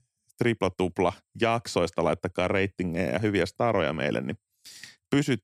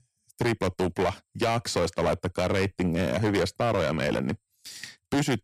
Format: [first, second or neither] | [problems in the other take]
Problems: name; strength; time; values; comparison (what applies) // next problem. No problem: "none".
first | distortion; heavy; 11% of the sound clipped